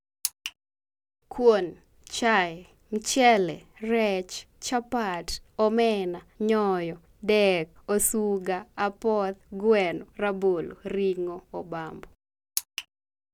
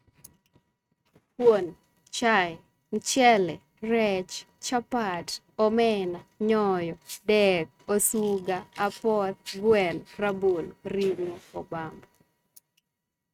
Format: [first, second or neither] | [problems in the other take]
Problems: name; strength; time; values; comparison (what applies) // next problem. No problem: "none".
first | noise reduction (neural mask model RNNoise)